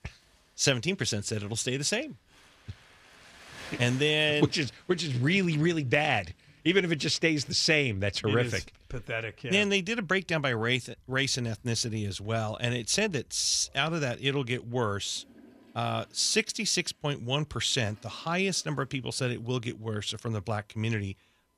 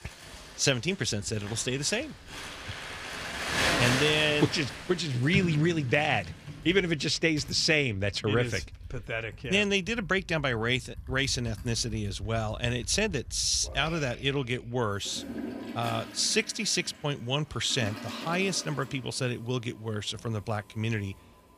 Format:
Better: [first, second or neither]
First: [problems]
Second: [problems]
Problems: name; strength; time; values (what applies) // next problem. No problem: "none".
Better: first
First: household noises; faint; throughout; 25 dB below the speech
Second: household noises; loud; throughout; 8 dB below the speech